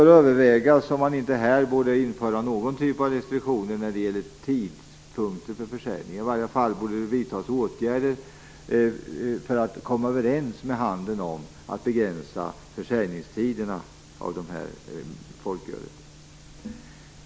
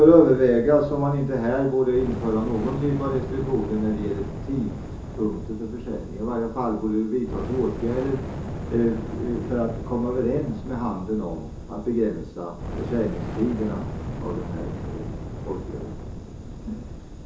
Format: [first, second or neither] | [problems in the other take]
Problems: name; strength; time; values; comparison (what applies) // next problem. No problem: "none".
first | background sound (Fire); 9 dB below the speech // room echo; dies away in 0.7 s